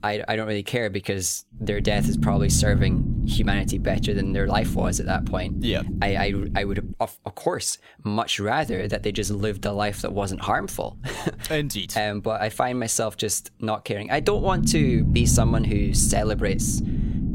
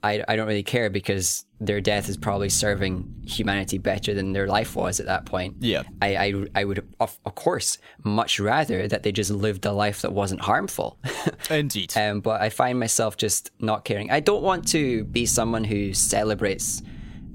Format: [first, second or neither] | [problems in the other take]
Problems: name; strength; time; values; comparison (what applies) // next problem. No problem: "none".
second | low rumble; loud; until 7 s and from 8.5 s on; 9 dB below the speech; faint in the second